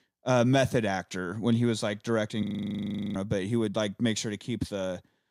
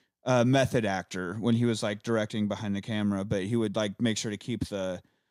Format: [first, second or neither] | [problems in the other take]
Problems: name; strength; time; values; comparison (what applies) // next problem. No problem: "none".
second | audio freezing; at 2.5 s for 0.5 s